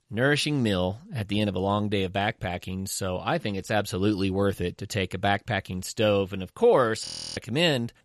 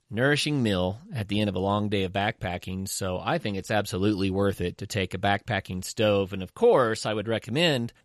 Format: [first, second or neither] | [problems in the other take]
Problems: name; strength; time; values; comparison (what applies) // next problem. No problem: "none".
second | audio freezing; at 7 s